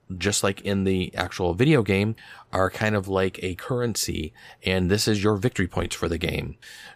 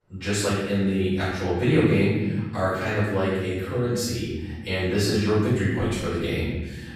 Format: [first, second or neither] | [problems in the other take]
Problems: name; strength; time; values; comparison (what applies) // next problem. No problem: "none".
first | room echo; strong; dies away in 1.4 s // off-mic speech; far